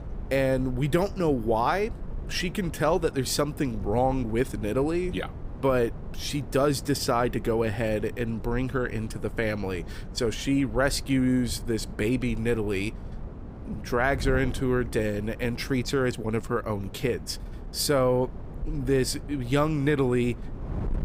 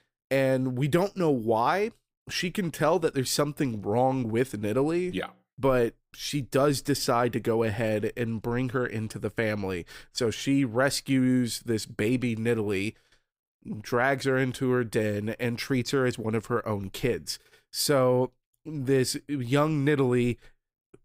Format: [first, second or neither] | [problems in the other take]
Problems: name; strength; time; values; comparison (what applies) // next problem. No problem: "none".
second | wind noise on the microphone; occasional gusts; 20 dB below the speech